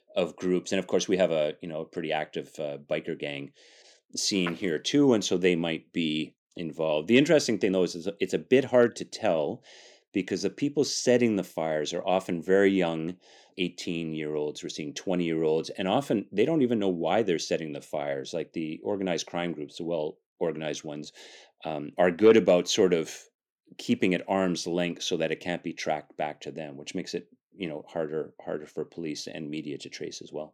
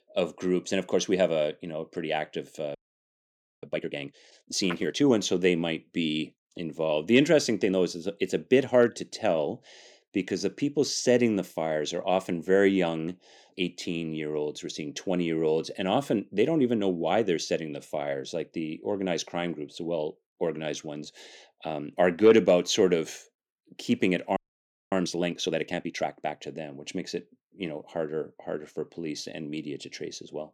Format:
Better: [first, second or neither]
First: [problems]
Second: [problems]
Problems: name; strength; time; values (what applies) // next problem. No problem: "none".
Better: first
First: none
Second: audio freezing; at 3 s for 1 s and at 24 s for 0.5 s